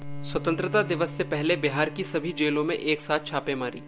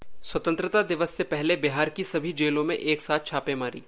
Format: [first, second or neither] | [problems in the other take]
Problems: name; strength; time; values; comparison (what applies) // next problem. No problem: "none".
second | background sound (Bowed string instrument); 12 dB below the speech